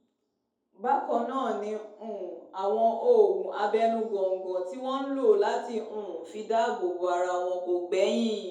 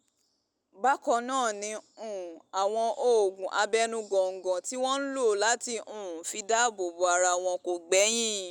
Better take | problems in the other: second | room echo; dies away in 2 s

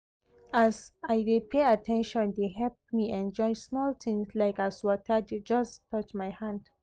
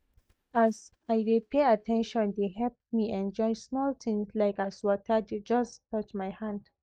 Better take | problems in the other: first | noise reduction (neural mask model DeepFilterNet 3)

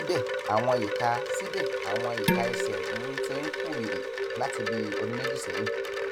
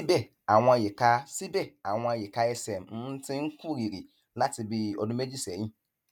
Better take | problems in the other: second | background sound (Dishes, pots, and pans + Wind chime); 3 dB above the speech

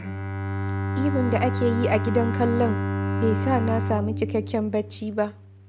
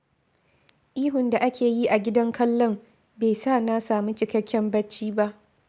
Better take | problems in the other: second | background sound (Bowed string instrument); 1 dB below the speech

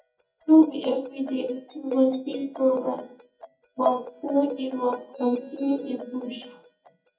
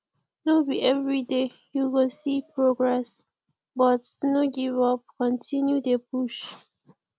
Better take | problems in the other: second | noise reduction (neural mask model DeepFilterNet 3)

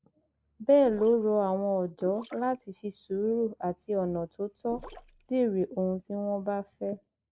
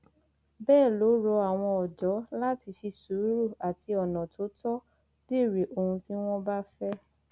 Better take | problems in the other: second | noise reduction (neural mask model Resemble Enhance denoiser)

